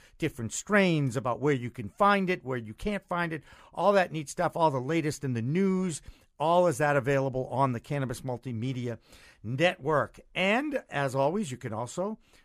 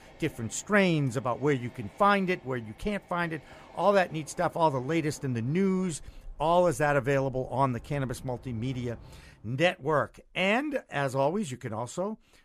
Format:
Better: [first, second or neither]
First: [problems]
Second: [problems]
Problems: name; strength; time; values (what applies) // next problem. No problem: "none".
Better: first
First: none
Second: train or aircraft noise; faint; until 9.5 s; 25 dB below the speech